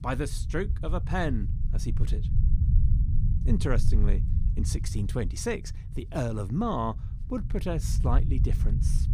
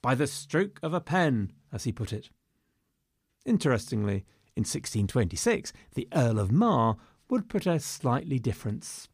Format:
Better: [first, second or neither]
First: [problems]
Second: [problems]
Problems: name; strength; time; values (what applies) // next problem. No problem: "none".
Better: second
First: low rumble; noticeable; throughout; 10 dB below the speech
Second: none